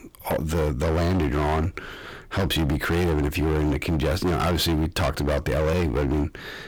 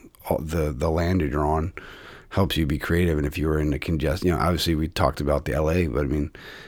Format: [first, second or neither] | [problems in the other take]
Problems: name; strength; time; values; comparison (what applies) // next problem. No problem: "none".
second | distortion; heavy; 28% of the sound clipped